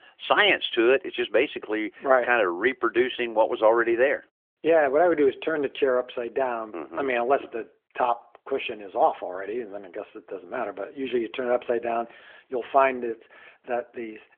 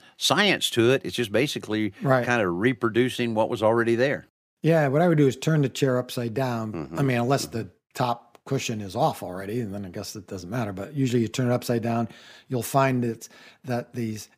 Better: second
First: phone-call audio; nothing above 3.5 kHz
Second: none

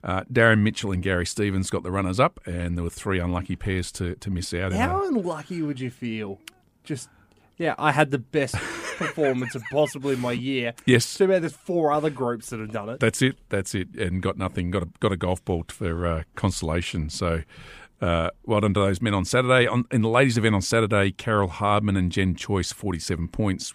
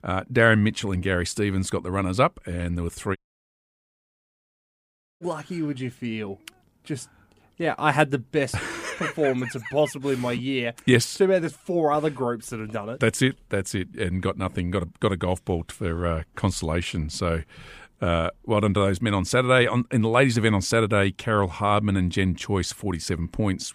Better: first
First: none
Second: audio cutting out; at 3 s for 2 s

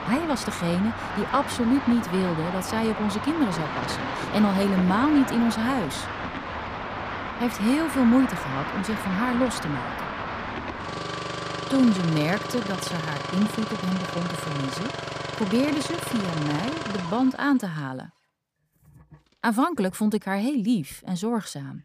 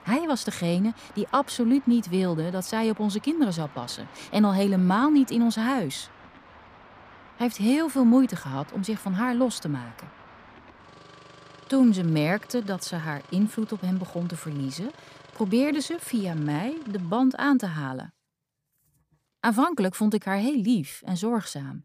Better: second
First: traffic noise; loud; throughout; 6 dB below the speech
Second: traffic noise; faint; throughout; 25 dB below the speech

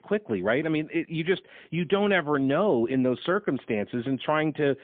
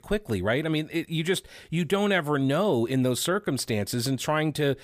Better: second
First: phone-call audio; poor line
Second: none

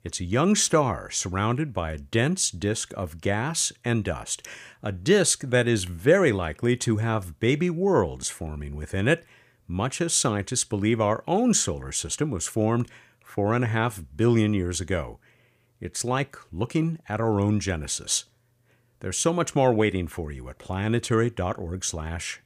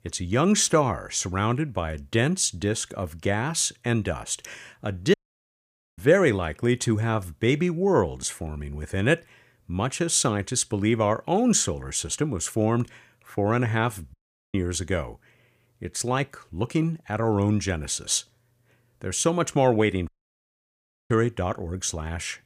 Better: first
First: none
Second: audio cutting out; at 5 s for 1 s, at 14 s and at 20 s for 1 s

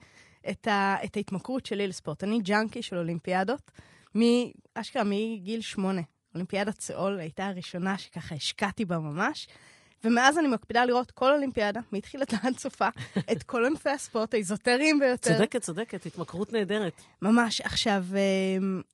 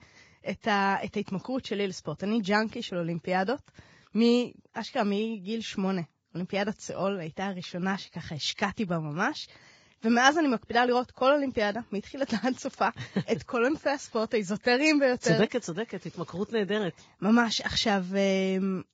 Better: first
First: garbled, watery; slightly; nothing above 10.5 kHz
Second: garbled, watery; badly; nothing above 7.5 kHz

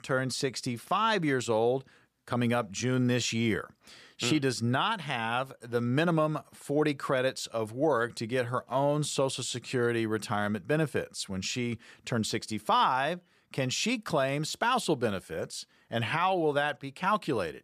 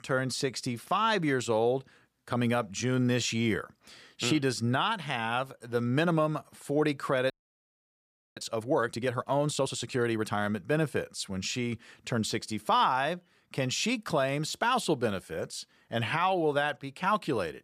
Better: first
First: none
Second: audio freezing; at 7.5 s for 1 s

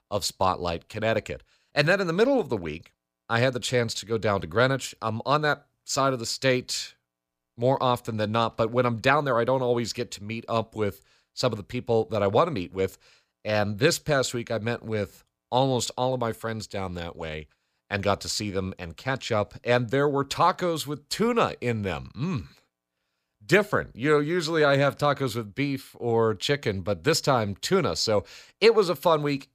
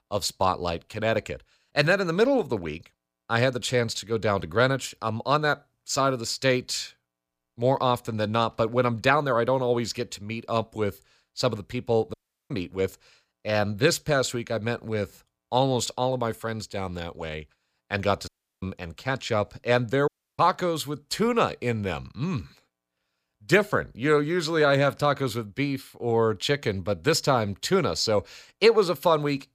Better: first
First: none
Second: audio cutting out; at 12 s, at 18 s and at 20 s

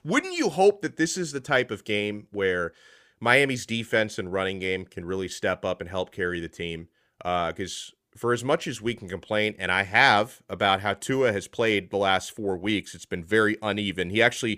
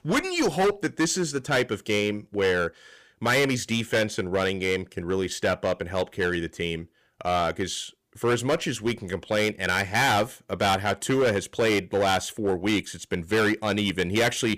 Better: first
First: none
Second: distortion; heavy; 9% of the sound clipped

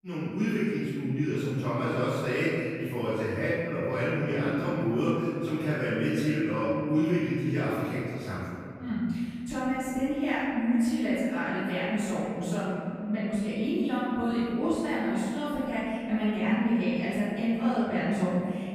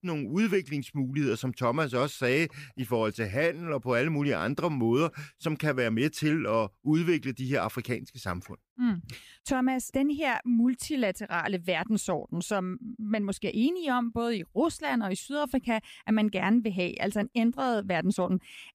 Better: second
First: off-mic speech; far // room echo; strong; dies away in 2.4 s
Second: none

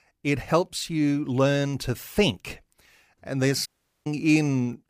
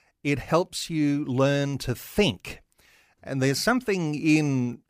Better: second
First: audio cutting out; at 3.5 s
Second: none

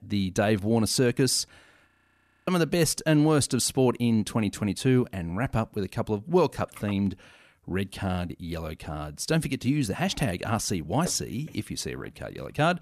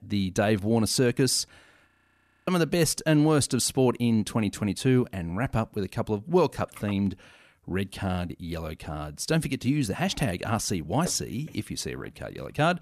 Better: neither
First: audio freezing; at 2 s for 0.5 s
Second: audio freezing; at 2 s for 0.5 s

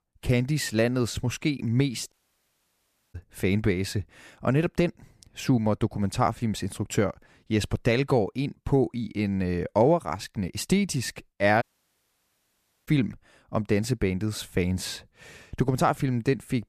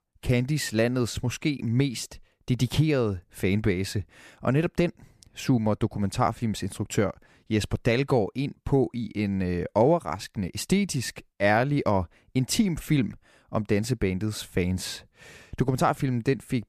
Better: second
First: audio cutting out; at 2 s for 1 s and at 12 s for 1.5 s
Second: none

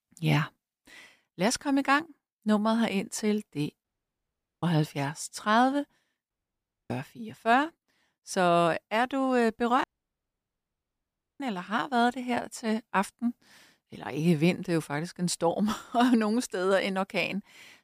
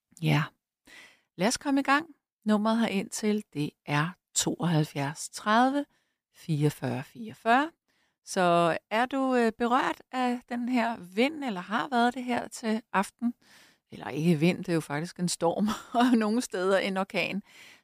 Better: second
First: audio cutting out; at 4 s for 1 s, at 6.5 s for 0.5 s and at 10 s for 1.5 s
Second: none

